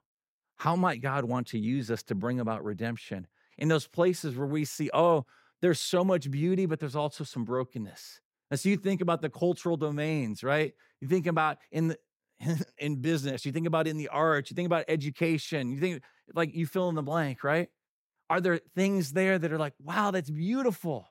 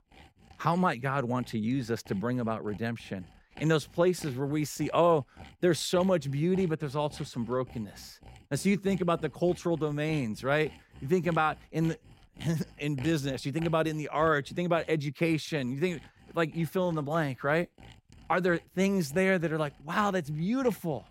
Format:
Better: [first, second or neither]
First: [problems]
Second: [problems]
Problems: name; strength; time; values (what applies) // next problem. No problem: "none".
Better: first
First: none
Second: machinery noise; faint; throughout; 25 dB below the speech